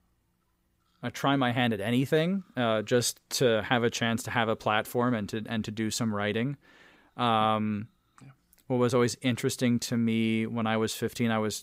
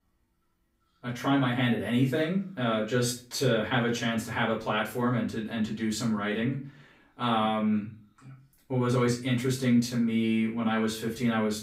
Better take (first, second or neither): first